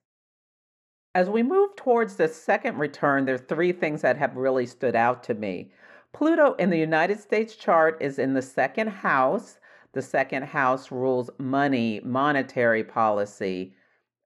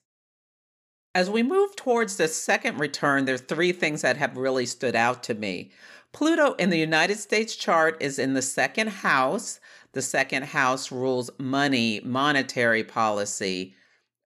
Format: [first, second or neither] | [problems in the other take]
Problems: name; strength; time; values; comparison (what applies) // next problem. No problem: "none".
second | muffled; very; fading above 3 kHz